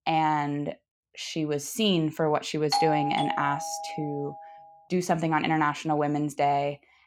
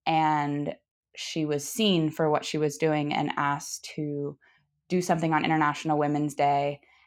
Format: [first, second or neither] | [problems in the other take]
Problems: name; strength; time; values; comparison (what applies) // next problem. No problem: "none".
second | doorbell; loud; from 2.5 to 4 s; peak 1 dB above the speech